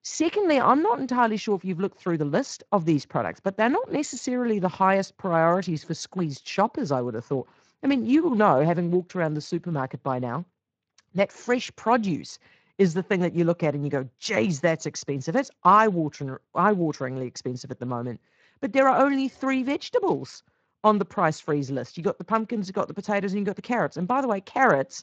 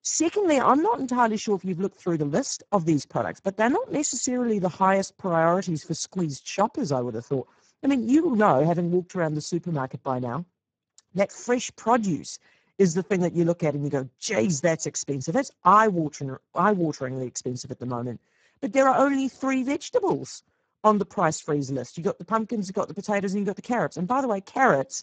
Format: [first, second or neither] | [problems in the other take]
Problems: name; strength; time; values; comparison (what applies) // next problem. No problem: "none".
first | garbled, watery; badly; nothing above 7.5 kHz; slightly in the first